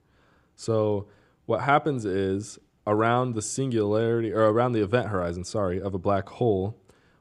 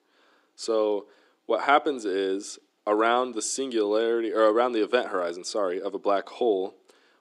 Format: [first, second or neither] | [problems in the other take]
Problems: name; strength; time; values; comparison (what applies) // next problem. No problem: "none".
first | thin; somewhat; fading below 300 Hz